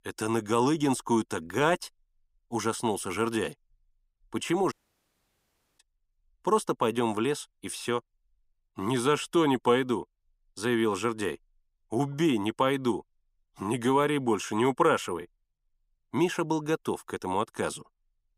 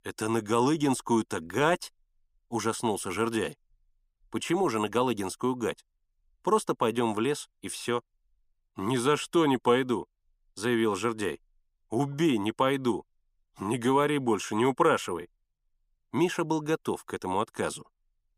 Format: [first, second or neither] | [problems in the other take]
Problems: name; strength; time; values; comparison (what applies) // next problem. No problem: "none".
second | audio cutting out; at 4.5 s for 1 s